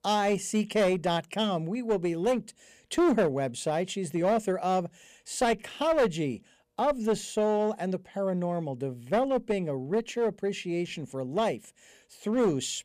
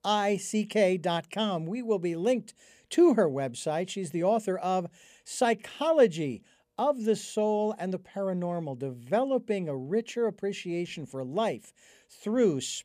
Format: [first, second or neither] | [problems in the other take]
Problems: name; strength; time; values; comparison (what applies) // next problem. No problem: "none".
second | distortion; slight; 7% of the sound clipped